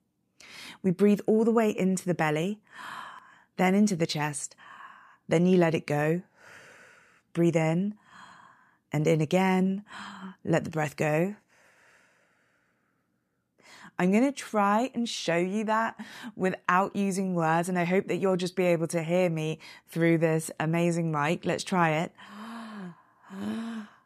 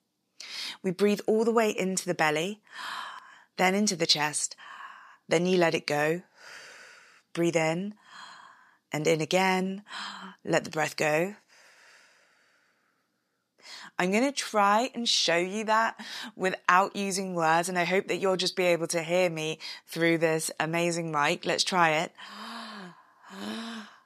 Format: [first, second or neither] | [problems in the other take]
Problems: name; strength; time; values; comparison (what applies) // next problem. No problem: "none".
first | thin; very slightly; fading below 500 Hz